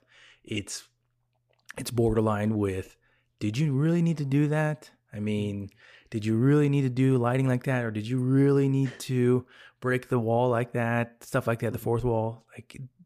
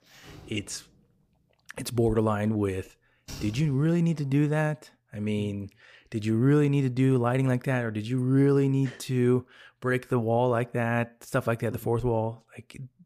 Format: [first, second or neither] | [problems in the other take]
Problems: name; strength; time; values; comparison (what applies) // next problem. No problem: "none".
first | door banging; faint; until 4 s; peak 15 dB below the speech